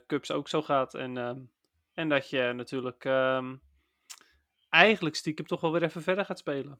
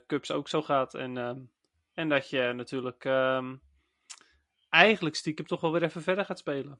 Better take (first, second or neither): first